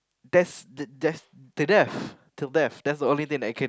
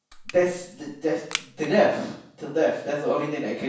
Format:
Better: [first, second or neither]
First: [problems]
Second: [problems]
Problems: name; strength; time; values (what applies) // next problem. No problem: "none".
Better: first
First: none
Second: background sound (Crushing); 14 dB below the speech // room echo; dies away in 0.7 s